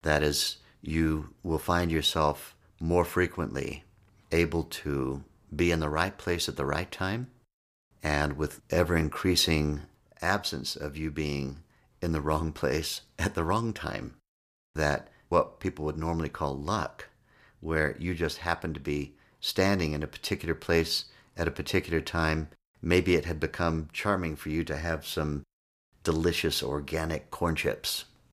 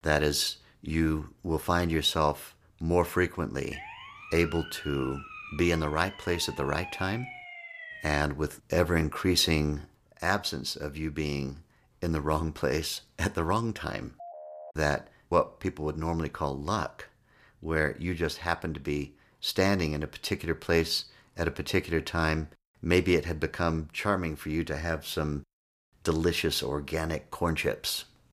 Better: first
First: none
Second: siren; faint; from 3.5 to 8 s; peak 10 dB below the speech // phone ringing; faint; at 14 s; peak 15 dB below the speech

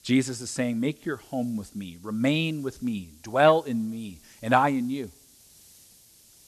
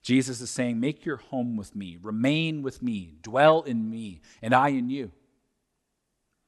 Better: second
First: hiss; faint; throughout; 25 dB below the speech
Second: none

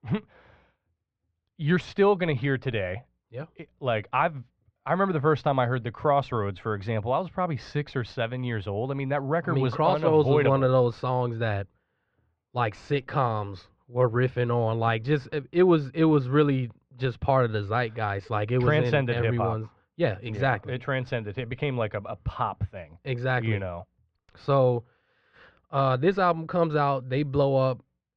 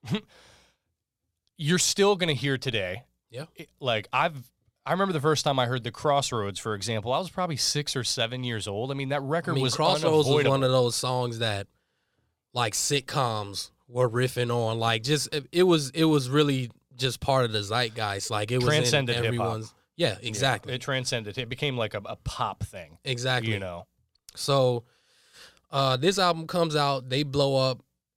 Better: second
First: muffled; very; fading above 2 kHz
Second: none

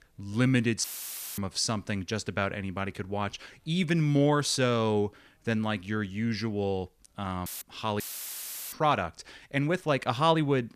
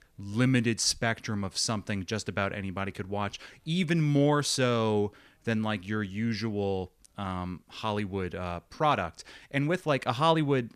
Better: second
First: audio cutting out; filled with static; at 1 s for 0.5 s, at 7.5 s and at 8 s for 0.5 s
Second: none

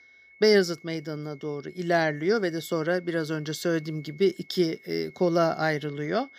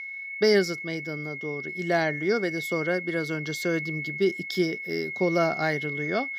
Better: first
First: high-pitched whine; faint; throughout; 2 kHz, 25 dB below the speech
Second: high-pitched whine; loud; throughout; 2 kHz, 5 dB below the speech

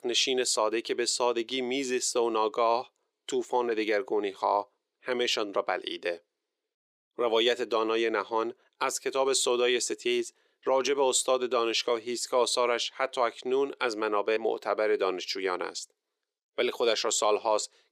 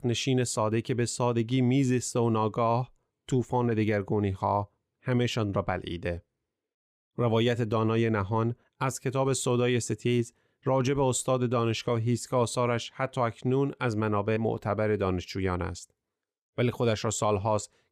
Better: second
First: thin; very; fading below 350 Hz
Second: none

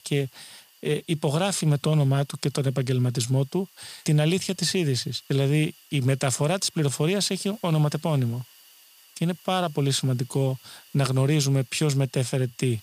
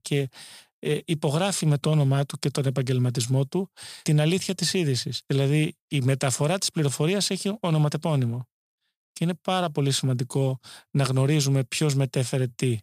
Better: second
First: hiss; faint; throughout; 25 dB below the speech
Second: none

